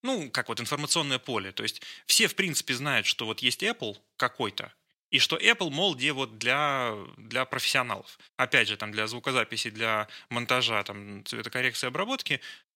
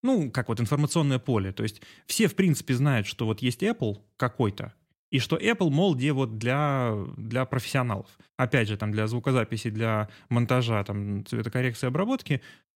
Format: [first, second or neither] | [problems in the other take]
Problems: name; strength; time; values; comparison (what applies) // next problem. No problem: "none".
second | thin; somewhat; fading below 950 Hz